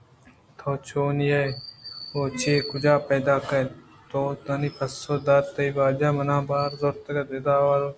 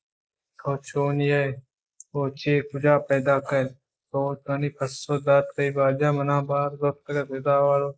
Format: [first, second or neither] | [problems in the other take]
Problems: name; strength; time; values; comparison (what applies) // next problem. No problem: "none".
first | noise reduction (neural mask model Resemble Enhance denoiser)